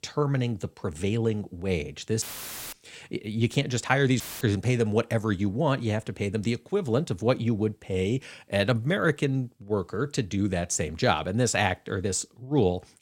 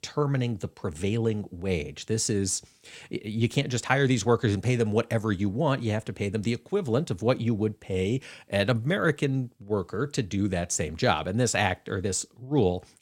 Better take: second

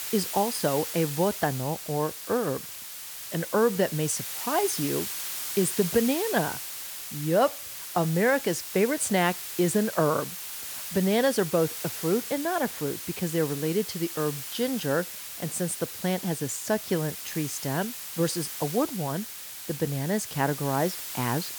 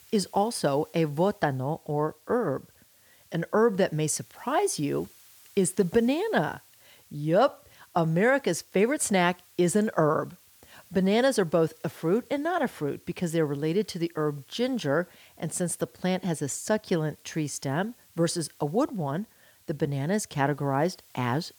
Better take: second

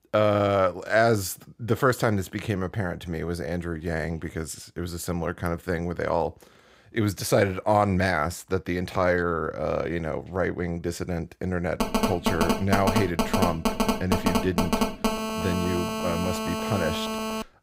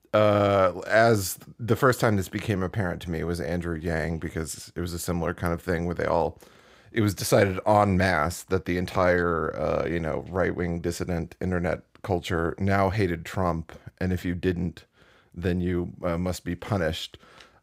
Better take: second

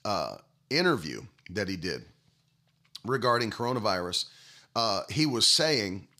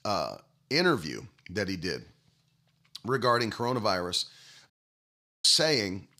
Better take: first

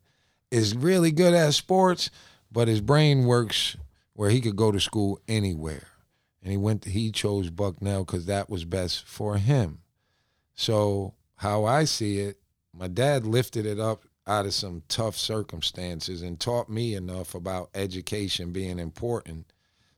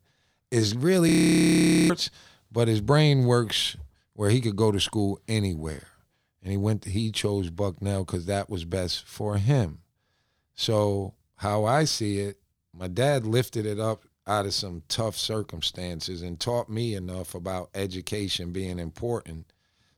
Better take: first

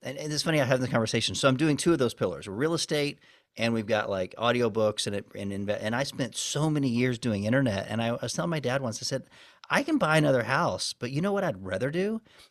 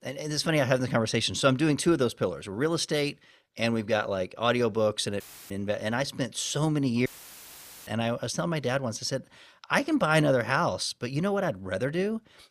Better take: first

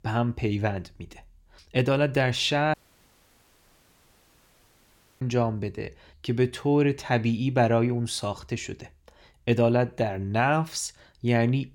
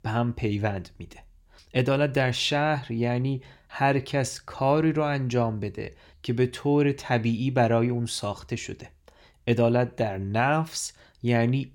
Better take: second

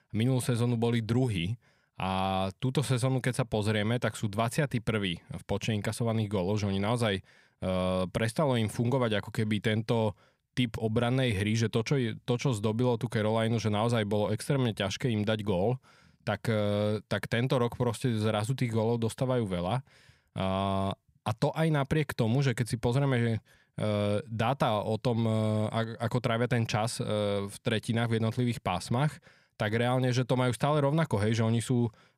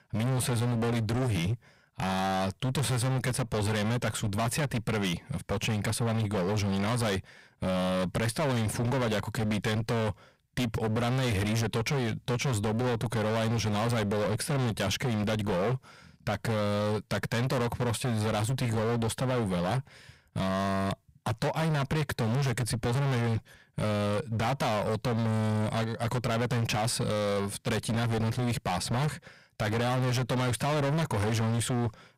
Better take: first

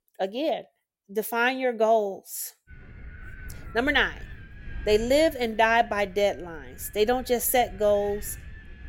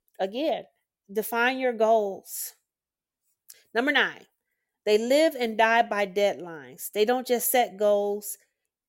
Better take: second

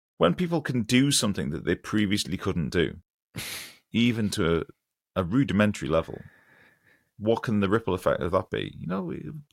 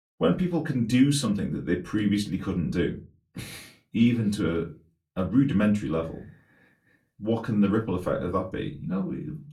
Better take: first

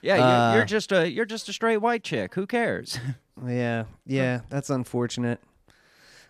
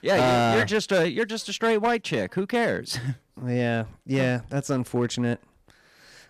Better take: first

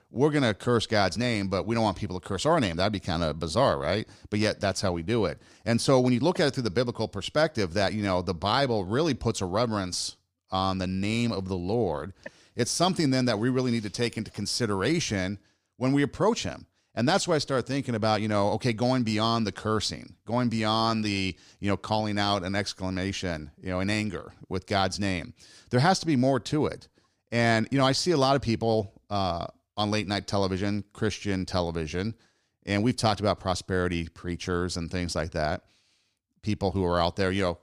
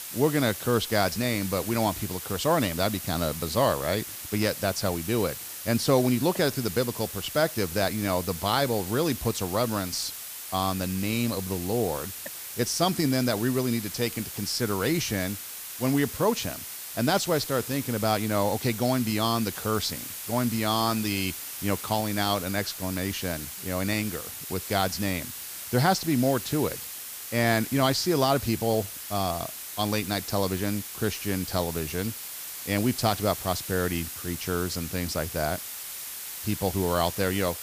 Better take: first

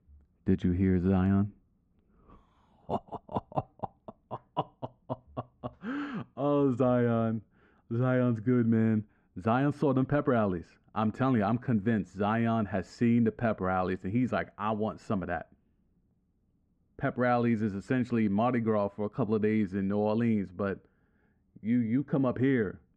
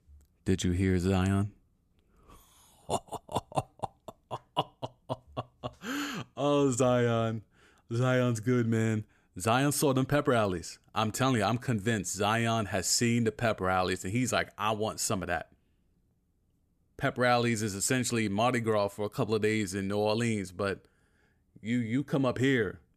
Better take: second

